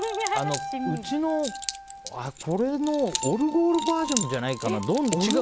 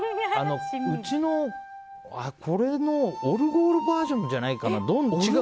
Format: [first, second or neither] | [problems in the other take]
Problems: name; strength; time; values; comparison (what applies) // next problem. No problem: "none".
second | background sound (Keys jangling); 11 dB below the speech